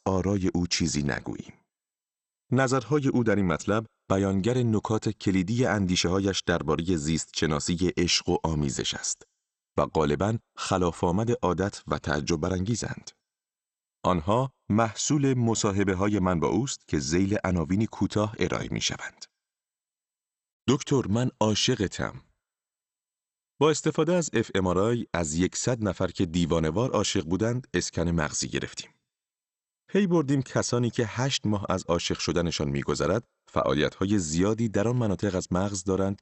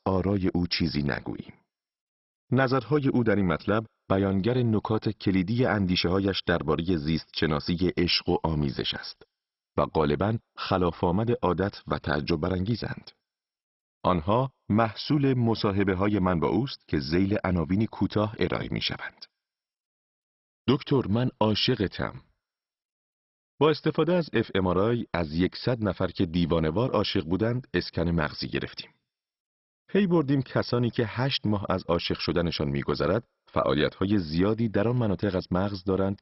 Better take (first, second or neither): first